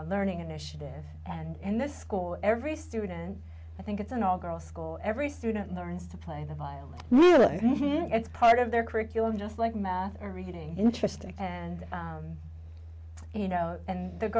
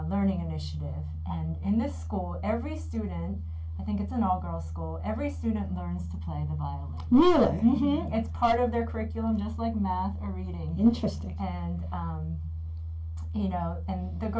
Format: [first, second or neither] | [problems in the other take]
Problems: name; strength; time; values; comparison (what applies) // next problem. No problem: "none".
first | room echo; dies away in 0.2 s